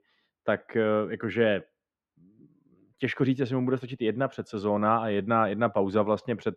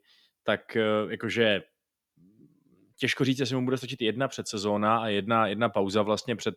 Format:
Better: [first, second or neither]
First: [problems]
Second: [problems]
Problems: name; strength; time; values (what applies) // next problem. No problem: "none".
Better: second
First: muffled; very; fading above 3 kHz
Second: none